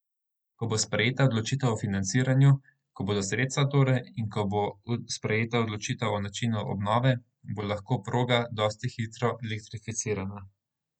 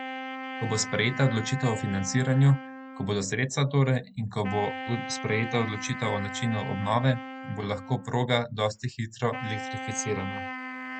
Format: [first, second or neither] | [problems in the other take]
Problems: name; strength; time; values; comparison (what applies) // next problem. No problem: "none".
first | background sound (Wind instrument, woodwind instrument); 10 dB below the speech